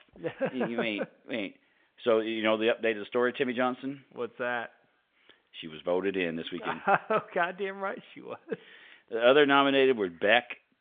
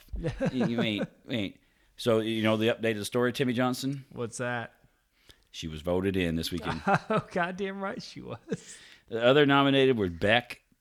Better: second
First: phone-call audio; nothing above 3.5 kHz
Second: none

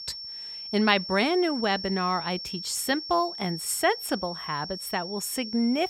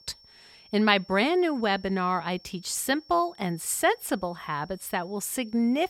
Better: second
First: high-pitched whine; loud; throughout; 5.5 kHz, 8 dB below the speech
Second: high-pitched whine; faint; throughout; 5.5 kHz, 25 dB below the speech

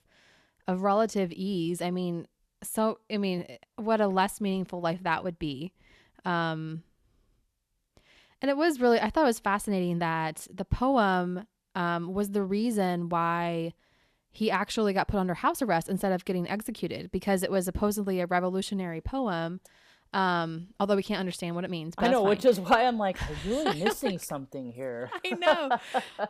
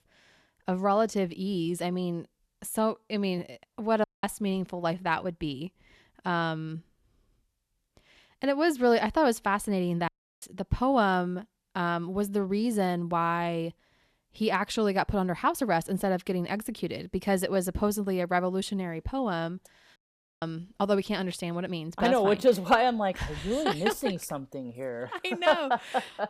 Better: first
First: none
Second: audio cutting out; at 4 s, at 10 s and at 20 s

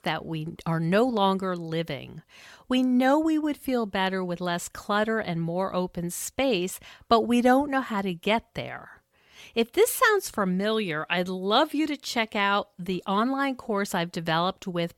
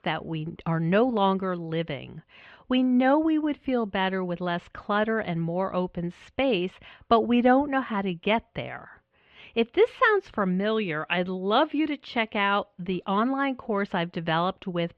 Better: first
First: none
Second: muffled; very; fading above 3 kHz

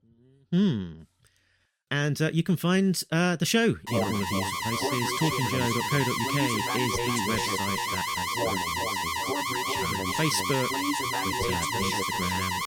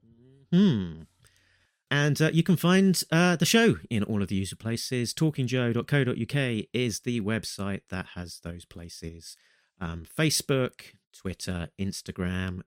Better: second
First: alarm; loud; from 4 s on; peak 2 dB above the speech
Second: none

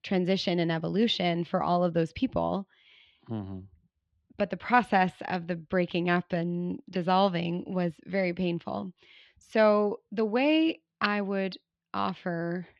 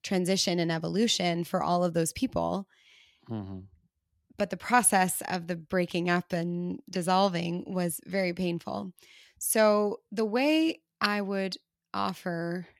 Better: second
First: muffled; slightly; fading above 3.5 kHz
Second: none

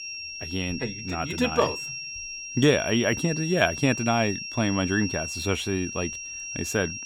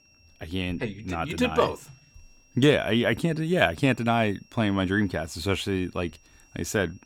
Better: second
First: high-pitched whine; loud; throughout; 5.5 kHz, 7 dB below the speech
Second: high-pitched whine; faint; throughout; 5.5 kHz, 30 dB below the speech

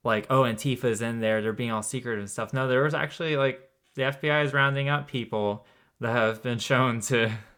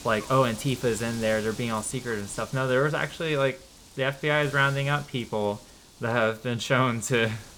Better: first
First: none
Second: wind noise on the microphone; occasional gusts; 20 dB below the speech

